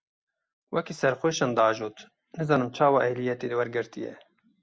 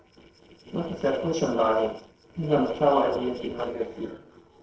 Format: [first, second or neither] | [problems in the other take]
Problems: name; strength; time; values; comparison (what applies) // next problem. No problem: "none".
first | noise reduction (neural separator model SepFormer DNS4)